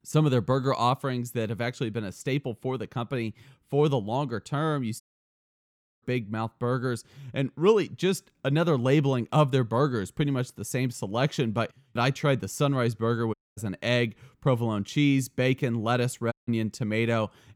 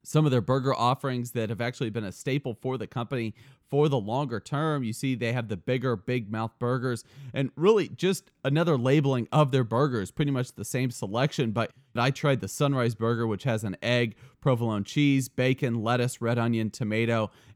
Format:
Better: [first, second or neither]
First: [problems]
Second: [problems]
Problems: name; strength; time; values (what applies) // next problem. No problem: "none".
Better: second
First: audio cutting out; at 5 s for 1 s, at 13 s and at 16 s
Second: none